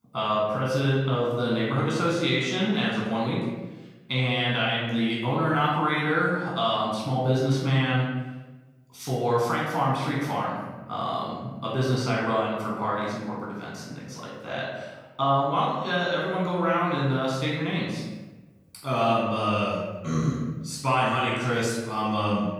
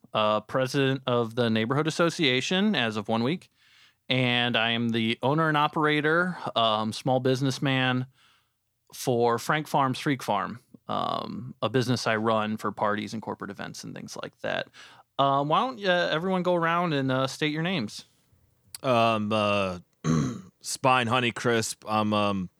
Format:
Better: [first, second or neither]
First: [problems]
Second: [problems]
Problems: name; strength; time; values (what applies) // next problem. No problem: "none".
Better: second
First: off-mic speech; far // room echo; noticeable; dies away in 1.1 s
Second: none